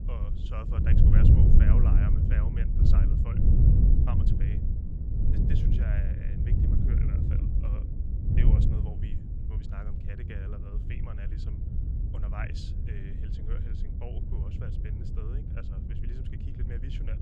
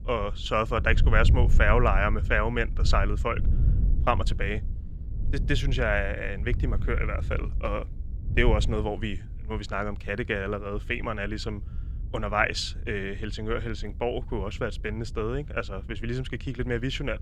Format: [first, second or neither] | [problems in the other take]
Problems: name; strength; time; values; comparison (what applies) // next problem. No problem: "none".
second | wind noise on the microphone; heavy; 4 dB above the speech; occasional gusts in the second